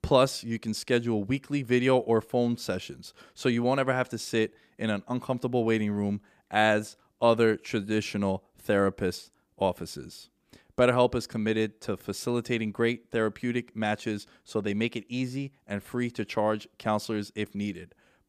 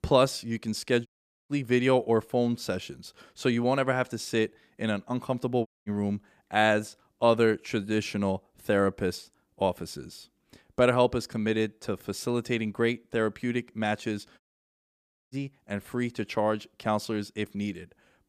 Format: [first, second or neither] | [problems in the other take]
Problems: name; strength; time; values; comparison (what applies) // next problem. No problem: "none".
first | audio cutting out; at 1 s, at 5.5 s and at 14 s for 1 s